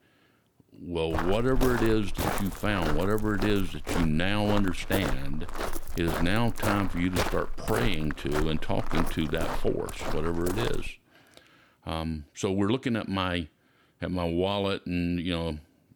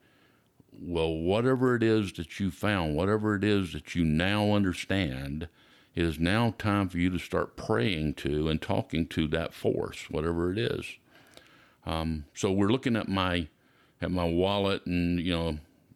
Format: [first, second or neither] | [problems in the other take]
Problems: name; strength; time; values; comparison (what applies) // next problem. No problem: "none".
second | footsteps; noticeable; from 1 to 11 s; peak 2 dB below the speech